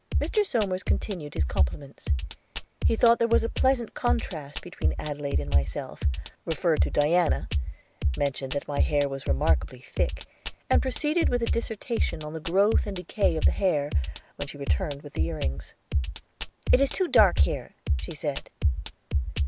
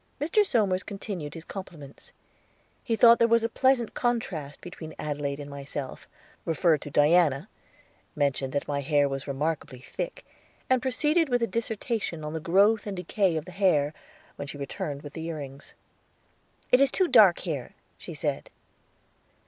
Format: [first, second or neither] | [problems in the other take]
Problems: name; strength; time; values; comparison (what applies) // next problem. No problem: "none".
second | background sound (Drum kit); 2 dB above the speech